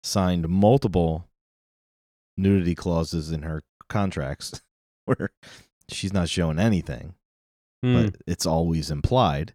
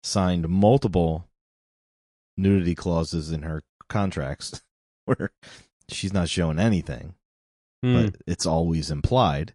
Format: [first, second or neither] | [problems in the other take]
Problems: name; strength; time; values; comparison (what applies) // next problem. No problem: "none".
first | garbled, watery; slightly